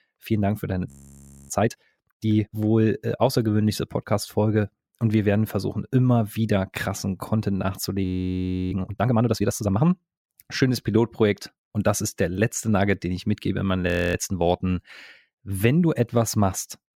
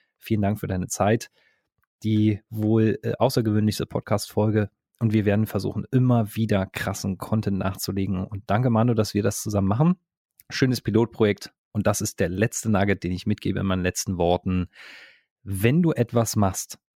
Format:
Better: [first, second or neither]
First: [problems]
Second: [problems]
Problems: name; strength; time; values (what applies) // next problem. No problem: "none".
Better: second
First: audio freezing; at 1 s for 0.5 s, at 8 s for 0.5 s and at 14 s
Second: none